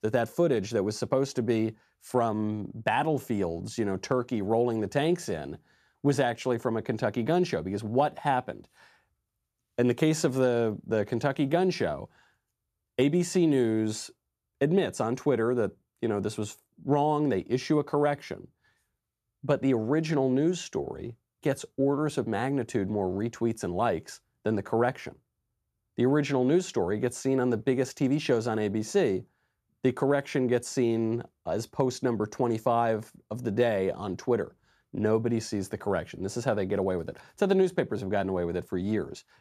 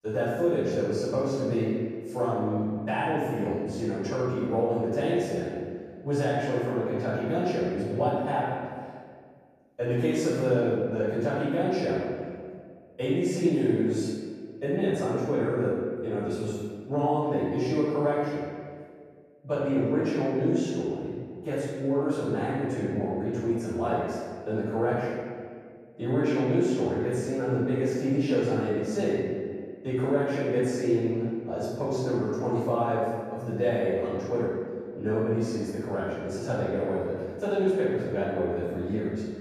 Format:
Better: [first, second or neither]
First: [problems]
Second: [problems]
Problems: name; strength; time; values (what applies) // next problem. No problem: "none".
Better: first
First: none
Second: off-mic speech; far // room echo; strong; dies away in 1.8 s